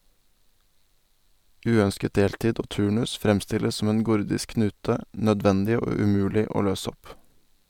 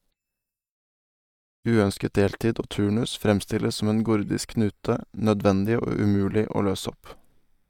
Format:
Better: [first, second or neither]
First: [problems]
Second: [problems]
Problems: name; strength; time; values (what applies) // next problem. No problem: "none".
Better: first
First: none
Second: noise reduction (neural mask model DeepFilterNet 3)